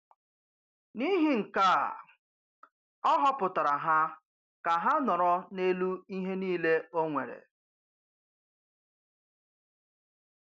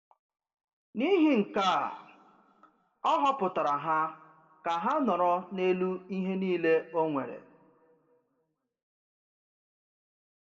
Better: first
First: none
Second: room echo; dies away in 1 s

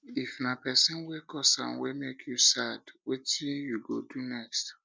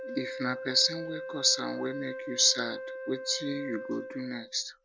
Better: first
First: none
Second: background sound (Wind instrument, woodwind instrument); 8 dB below the speech

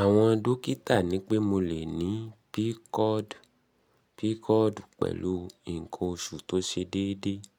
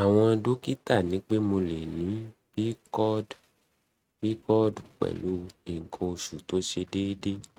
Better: first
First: none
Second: noise reduction (neural mask model RNNoise)

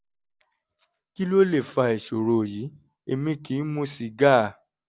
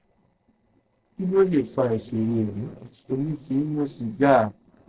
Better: first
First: none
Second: noise reduction (neural separator model SepFormer DNS4)

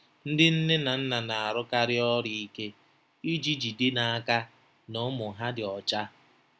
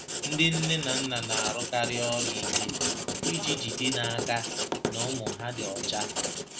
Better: first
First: none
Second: background sound (Writing); as loud as the speech // room echo; dies away in 0.2 s

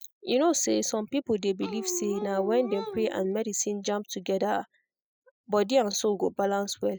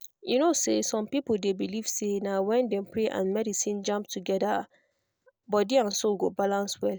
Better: second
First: noise reduction (classical method spectral subtraction)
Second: none

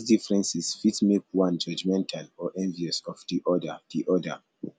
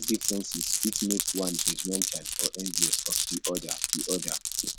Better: first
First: none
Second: background sound (Glass); 4 dB above the speech

